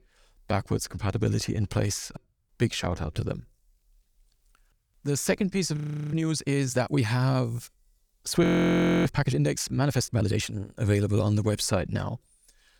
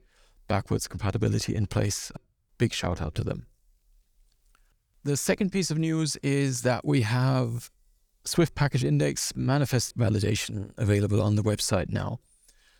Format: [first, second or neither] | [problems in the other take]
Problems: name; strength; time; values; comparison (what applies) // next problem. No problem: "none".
second | audio freezing; at 6 s and at 8.5 s for 0.5 s